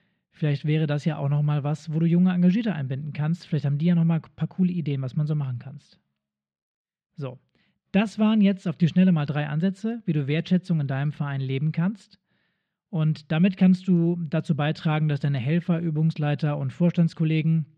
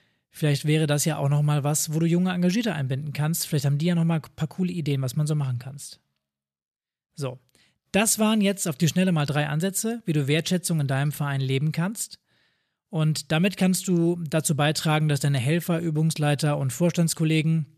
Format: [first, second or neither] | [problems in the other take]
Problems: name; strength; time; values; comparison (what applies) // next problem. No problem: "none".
second | muffled; slightly; fading above 3.5 kHz